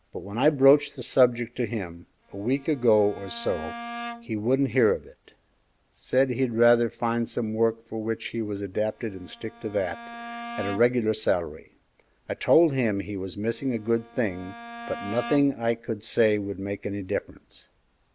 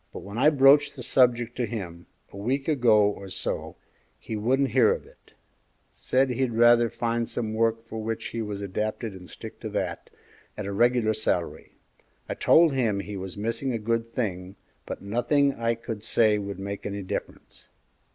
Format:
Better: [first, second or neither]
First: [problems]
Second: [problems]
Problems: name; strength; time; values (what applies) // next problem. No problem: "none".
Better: second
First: background sound (Bowed string instrument); 15 dB below the speech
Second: none